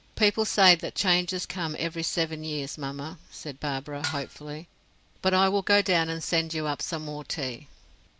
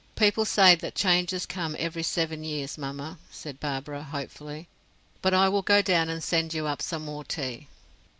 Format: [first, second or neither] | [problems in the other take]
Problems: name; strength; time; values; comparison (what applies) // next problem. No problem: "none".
second | background sound (Dishes, pots, and pans); 10 dB below the speech